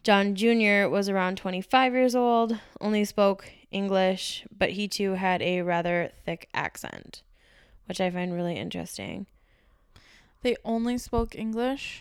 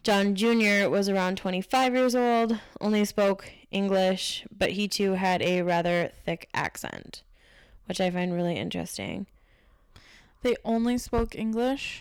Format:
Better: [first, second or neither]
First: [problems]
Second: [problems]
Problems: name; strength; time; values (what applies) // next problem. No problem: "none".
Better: first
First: none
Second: distortion; slight; 6% of the sound clipped